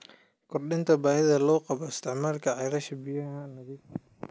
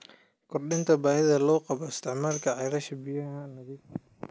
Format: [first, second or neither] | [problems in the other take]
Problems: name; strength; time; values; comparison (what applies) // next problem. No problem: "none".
first | background sound (Tambourine); 18 dB below the speech